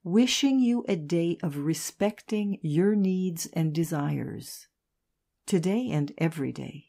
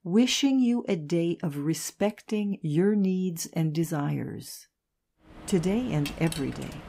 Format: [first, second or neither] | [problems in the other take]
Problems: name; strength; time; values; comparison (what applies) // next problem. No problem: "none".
first | household noises; noticeable; from 5.5 s on; 15 dB below the speech